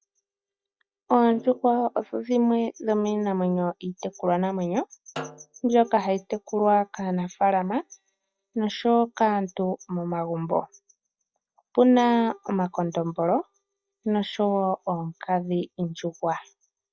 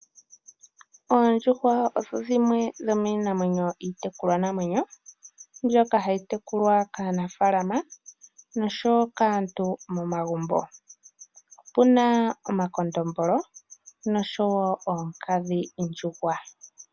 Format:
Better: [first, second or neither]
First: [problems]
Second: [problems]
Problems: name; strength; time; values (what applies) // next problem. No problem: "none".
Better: second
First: noise reduction (neural mask model DeepFilterNet 3)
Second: none